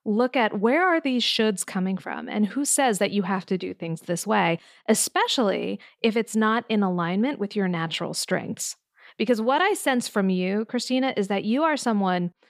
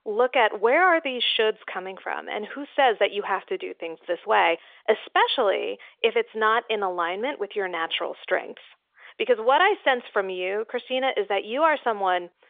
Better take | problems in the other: first | phone-call audio; nothing above 3.5 kHz

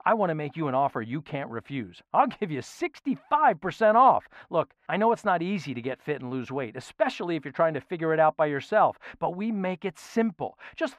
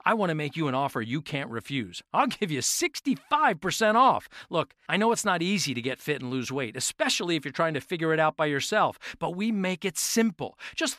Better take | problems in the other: second | muffled; very; fading above 3.5 kHz

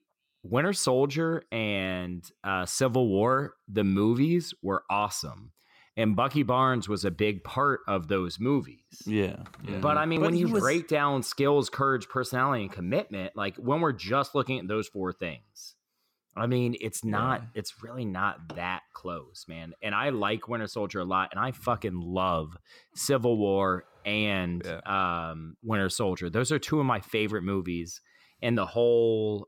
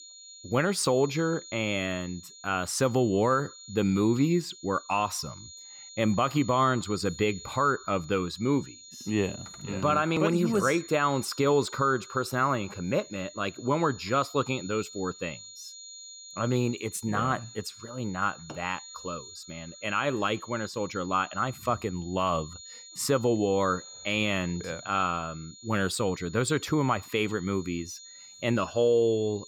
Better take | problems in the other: first | high-pitched whine; noticeable; throughout; 7 kHz, 15 dB below the speech

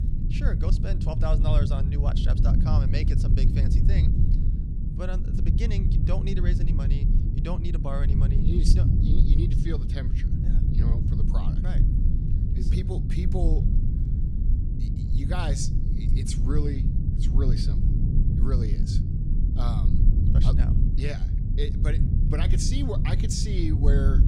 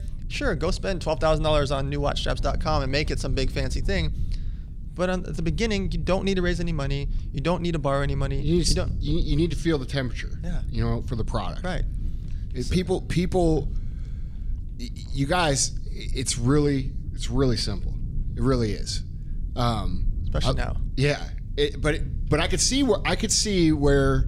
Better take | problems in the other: second | low rumble; loud; throughout; 2 dB below the speech; faint in the second

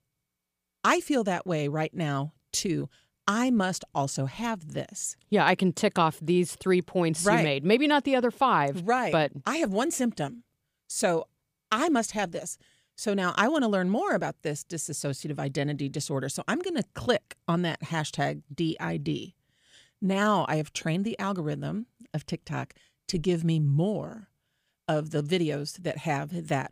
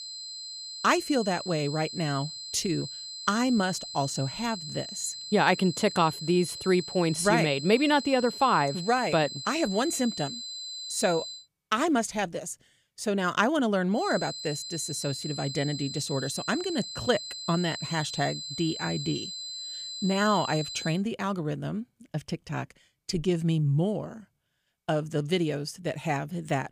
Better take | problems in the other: first | high-pitched whine; loud; until 11 s and from 14 to 21 s; 4 kHz, 8 dB below the speech

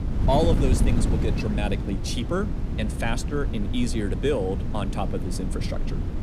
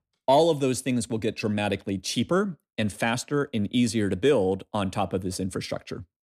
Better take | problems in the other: second | wind noise on the microphone; heavy; 7 dB below the speech

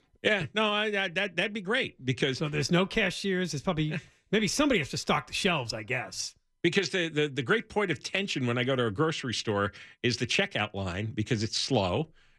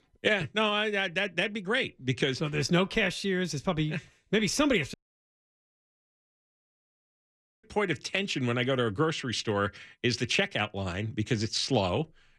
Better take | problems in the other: first | audio cutting out; at 5 s for 2.5 s

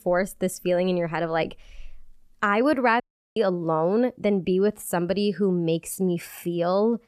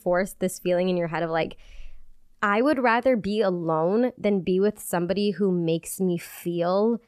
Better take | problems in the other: second | audio cutting out; at 3 s

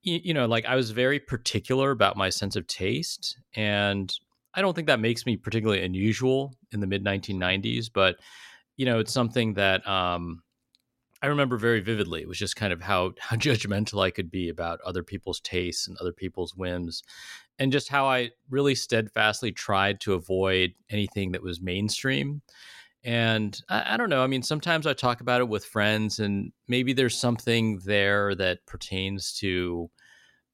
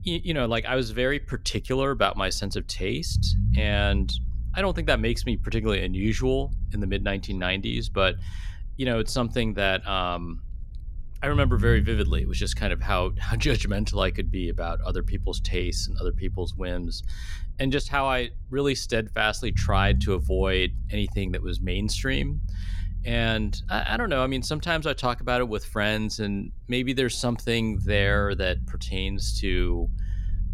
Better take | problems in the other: first | low rumble; noticeable; throughout; 20 dB below the speech

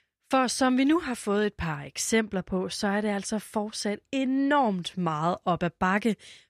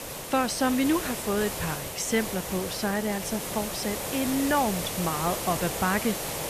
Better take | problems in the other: first | hiss; loud; throughout; 4 dB below the speech

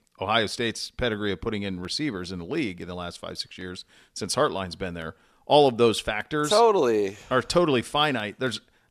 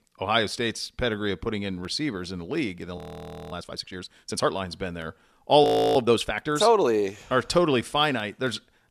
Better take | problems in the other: first | audio freezing; at 3 s for 0.5 s and at 5.5 s

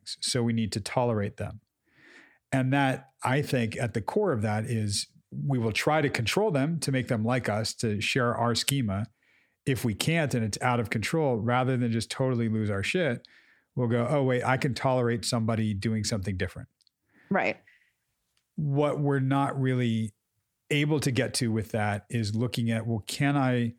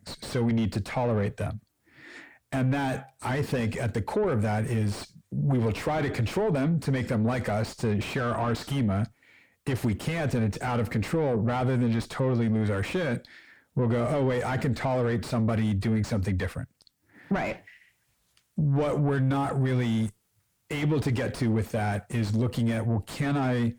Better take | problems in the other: first | distortion; heavy; 6 dB below the speech

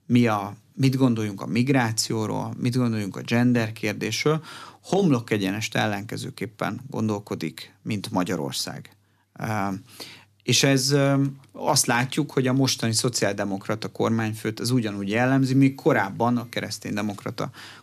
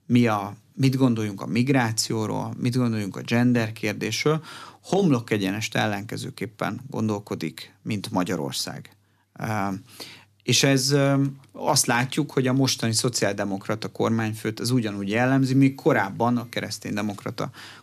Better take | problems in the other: neither | none

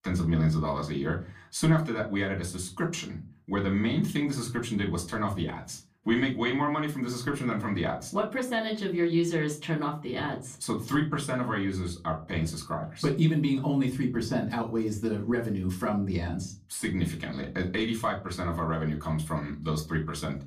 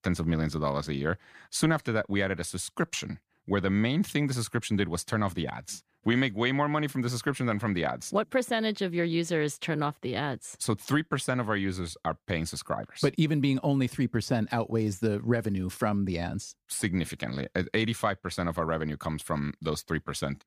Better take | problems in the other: second | off-mic speech; far // room echo; very slight; dies away in 0.3 s

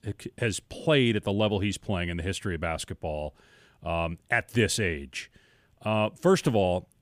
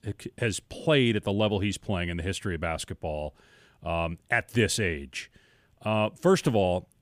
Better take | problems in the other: neither | none

